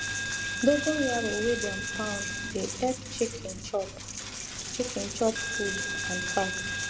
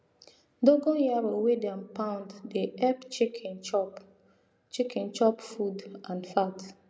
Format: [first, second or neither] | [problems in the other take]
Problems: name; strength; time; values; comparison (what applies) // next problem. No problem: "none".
second | background sound (Coin (dropping)); 2 dB below the speech